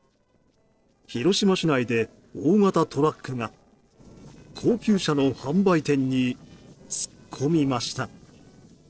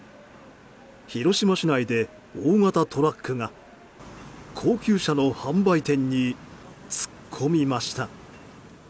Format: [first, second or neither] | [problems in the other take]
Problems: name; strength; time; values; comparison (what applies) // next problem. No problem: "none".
second | noise reduction (neural separator model SepFormer DNS4)